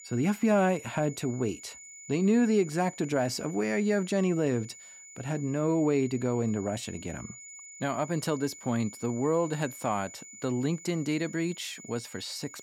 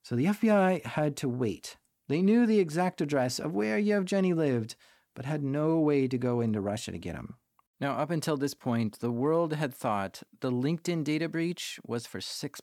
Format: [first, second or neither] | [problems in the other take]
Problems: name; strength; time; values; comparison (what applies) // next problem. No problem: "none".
second | high-pitched whine; noticeable; throughout; 7 kHz, 15 dB below the speech